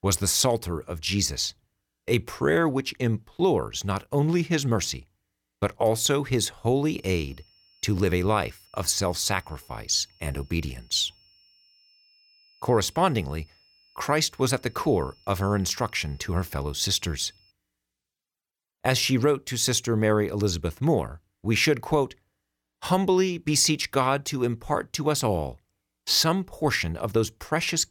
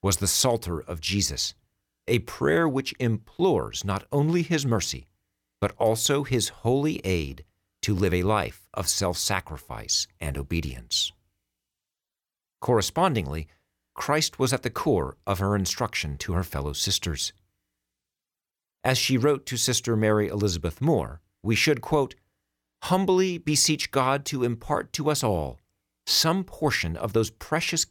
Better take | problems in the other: second | high-pitched whine; faint; from 7 to 18 s; 5.5 kHz, 30 dB below the speech

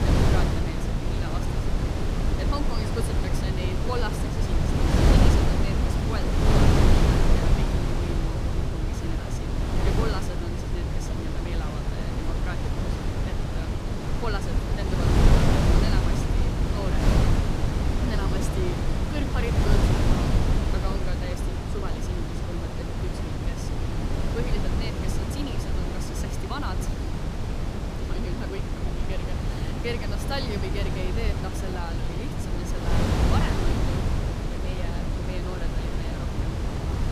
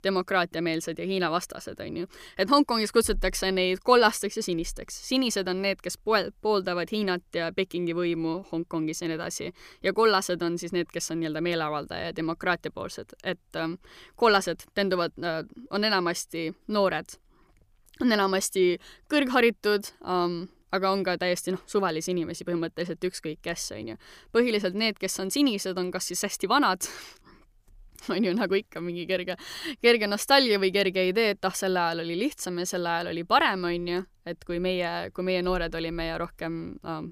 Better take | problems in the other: second | wind noise on the microphone; heavy; 5 dB above the speech

